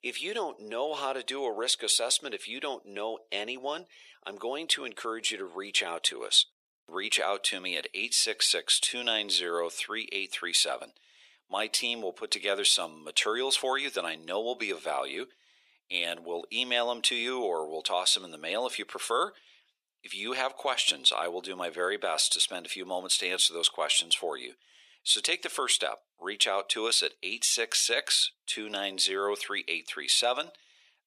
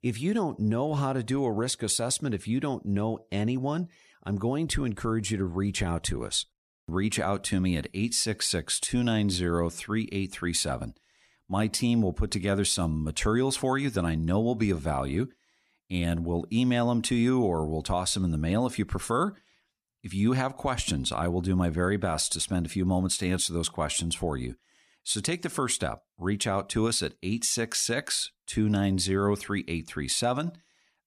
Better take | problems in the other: second | thin; very; fading below 450 Hz

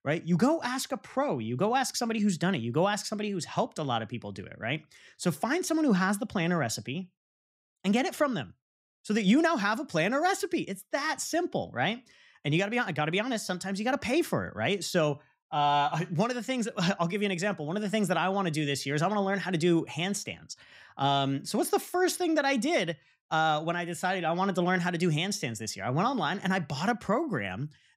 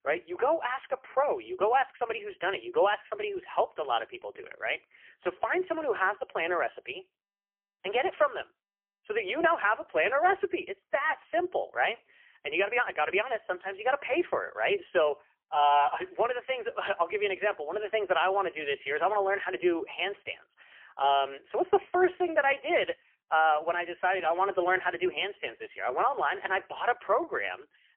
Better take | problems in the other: first | phone-call audio; poor line; nothing above 3 kHz

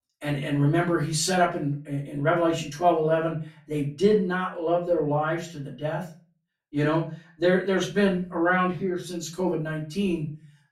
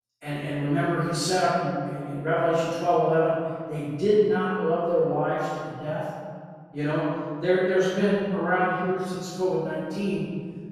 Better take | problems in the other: first | room echo; strong; dies away in 1.7 s; slight in the first // off-mic speech; far; far in the first

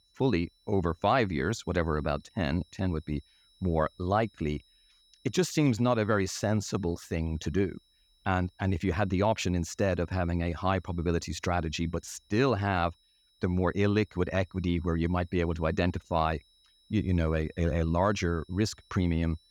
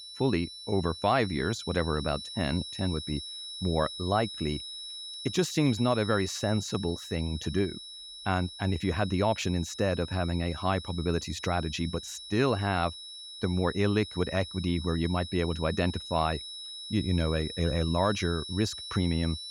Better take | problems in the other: first | high-pitched whine; loud; throughout; 4 kHz, 9 dB below the speech; faint in the first

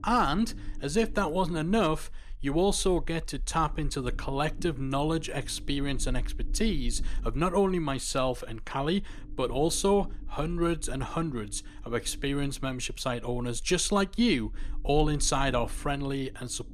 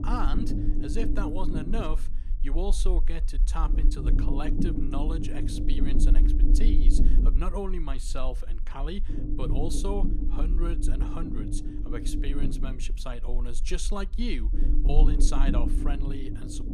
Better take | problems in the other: first | low rumble; loud; throughout; 2 dB below the speech; faint in the first

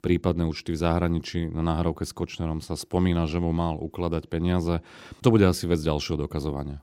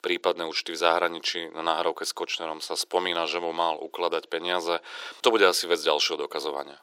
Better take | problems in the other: first | thin; very; fading below 450 Hz

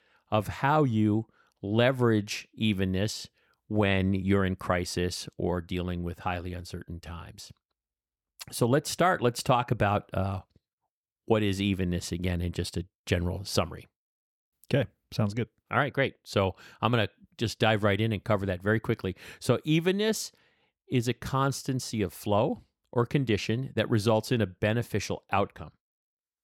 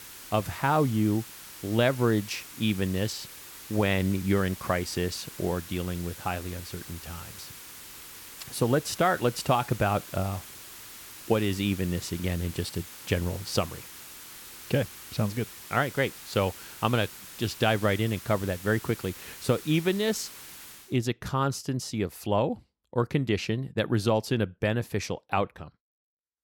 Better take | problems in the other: first | hiss; noticeable; until 21 s; 15 dB below the speech

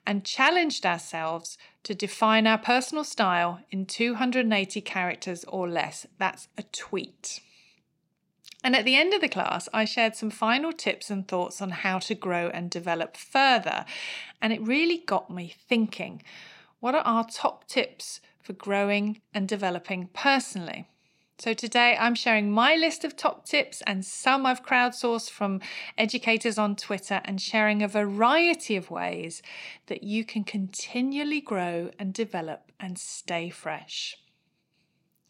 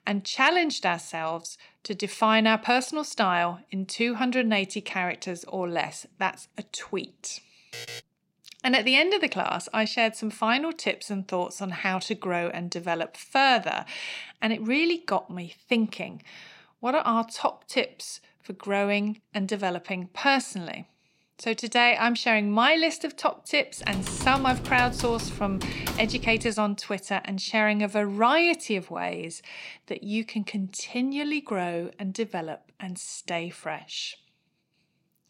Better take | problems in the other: first | alarm; faint; at 7.5 s; peak 10 dB below the speech // keyboard typing; noticeable; from 24 to 26 s; peak 6 dB below the speech

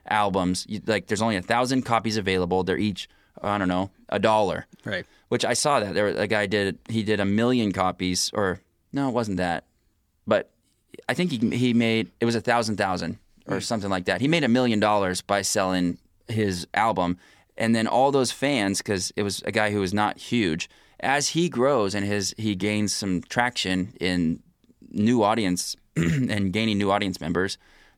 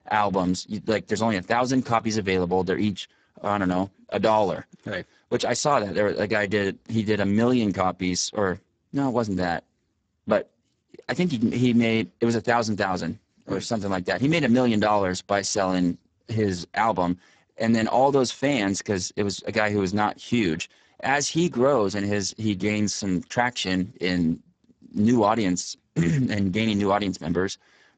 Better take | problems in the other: first | garbled, watery; badly; nothing above 7.5 kHz

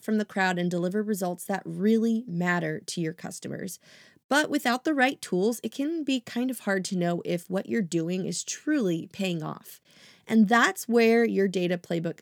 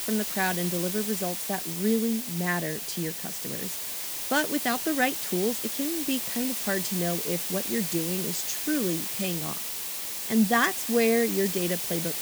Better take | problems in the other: first | hiss; loud; throughout; 1 dB below the speech

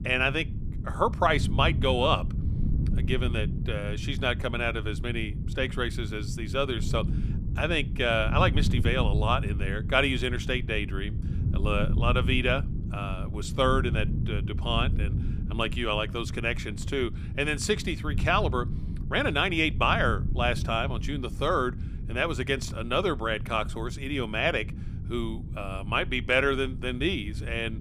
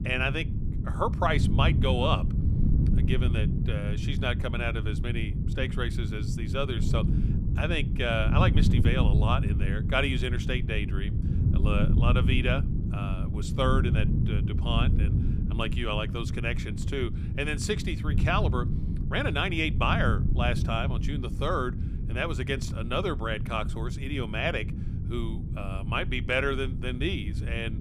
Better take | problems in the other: first | wind noise on the microphone; heavy; 10 dB below the speech; occasional gusts in the first

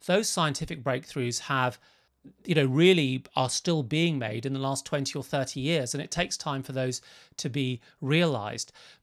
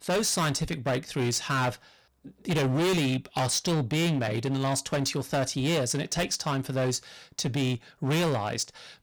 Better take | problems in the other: first | distortion; heavy; 19% of the sound clipped

